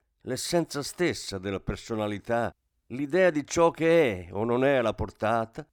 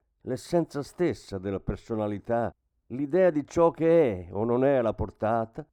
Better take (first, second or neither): first